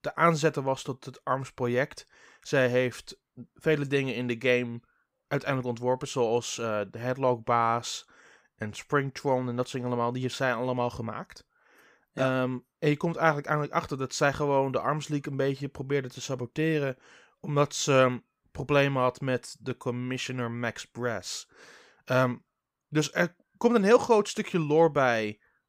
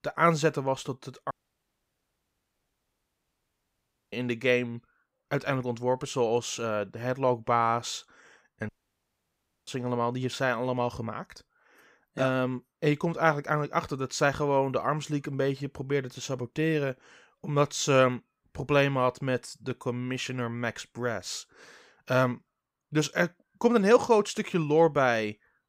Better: first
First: none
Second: audio cutting out; at 1.5 s for 3 s and at 8.5 s for 1 s

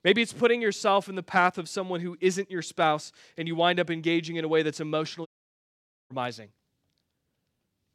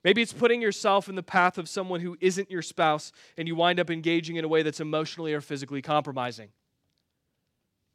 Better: second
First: audio cutting out; at 5.5 s for 1 s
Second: none

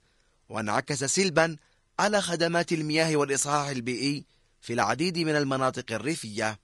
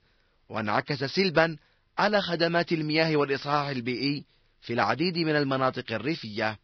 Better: first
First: garbled, watery; slightly; nothing above 10.5 kHz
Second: garbled, watery; badly; nothing above 5 kHz

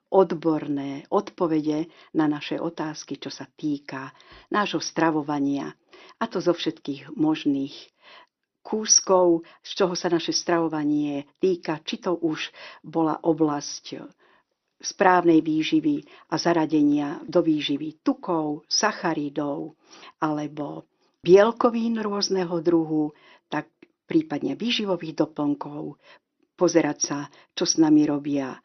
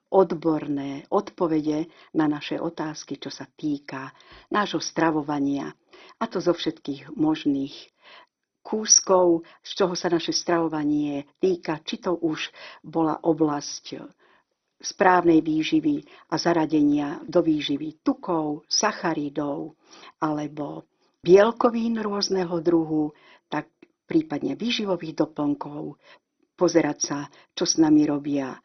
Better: first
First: garbled, watery; slightly; nothing above 6 kHz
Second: garbled, watery; badly; nothing above 6 kHz

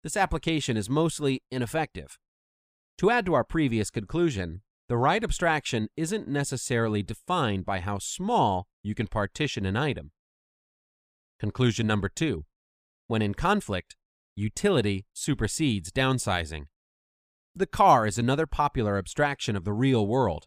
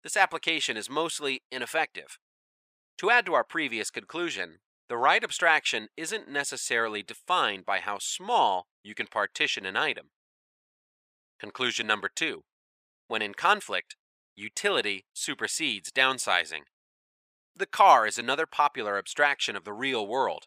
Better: first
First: none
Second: thin; very; fading below 500 Hz

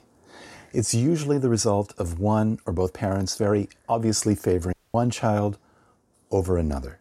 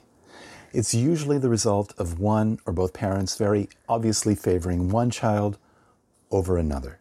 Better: second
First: audio cutting out; at 4.5 s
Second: none

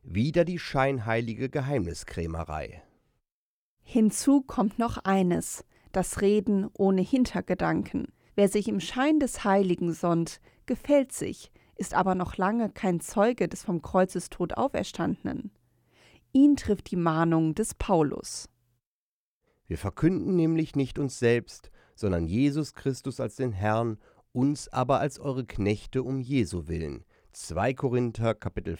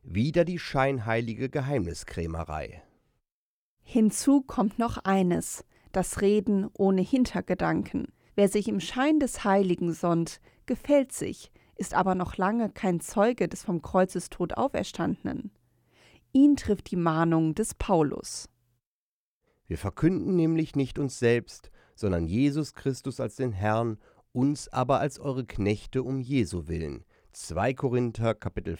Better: neither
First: none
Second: none

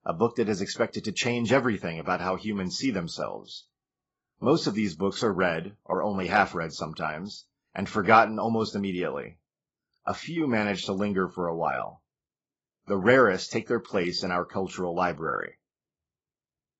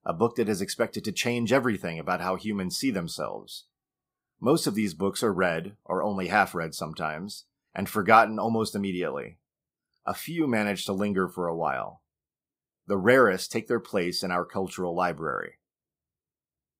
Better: second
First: garbled, watery; badly; nothing above 7.5 kHz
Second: none

